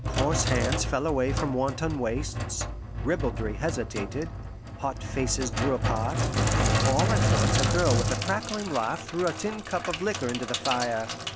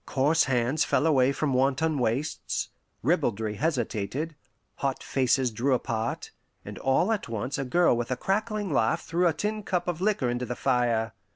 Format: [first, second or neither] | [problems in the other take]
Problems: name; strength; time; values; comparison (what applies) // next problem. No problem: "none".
second | background sound (Sink (filling or washing)); 1 dB above the speech